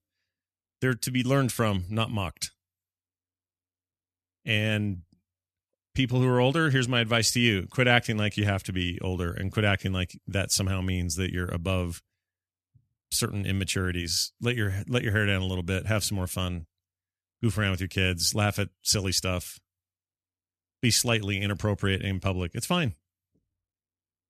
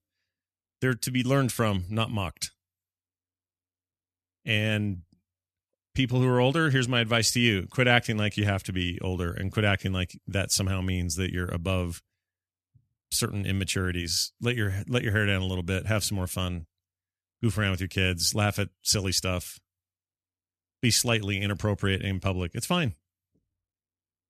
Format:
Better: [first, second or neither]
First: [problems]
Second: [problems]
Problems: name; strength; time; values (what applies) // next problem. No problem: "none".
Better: neither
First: none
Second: none